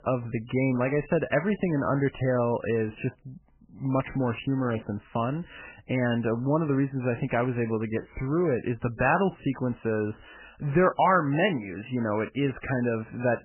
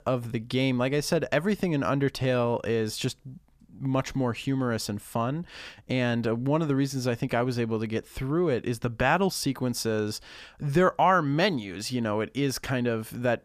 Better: second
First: garbled, watery; badly; nothing above 3 kHz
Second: none

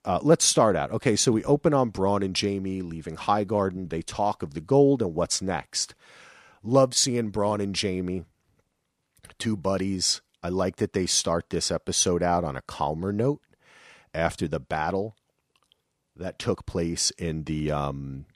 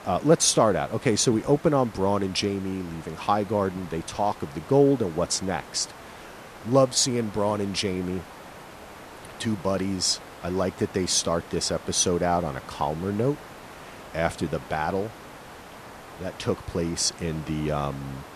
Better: first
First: none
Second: hiss; noticeable; throughout; 20 dB below the speech

